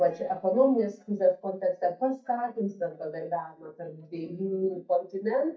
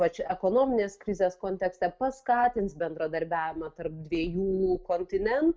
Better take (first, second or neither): second